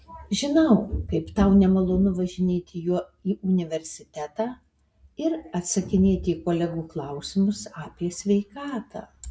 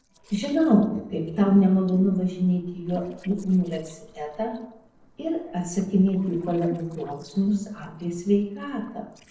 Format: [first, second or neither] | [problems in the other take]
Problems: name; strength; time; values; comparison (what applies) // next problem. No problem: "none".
first | noise reduction (neural separator model SepFormer DNS4)